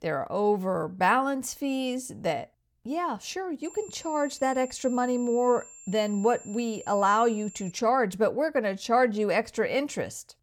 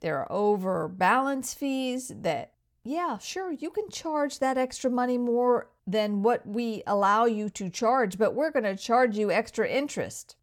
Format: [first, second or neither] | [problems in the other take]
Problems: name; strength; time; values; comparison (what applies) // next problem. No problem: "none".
second | high-pitched whine; noticeable; from 3.5 to 7.5 s; 7.5 kHz, 20 dB below the speech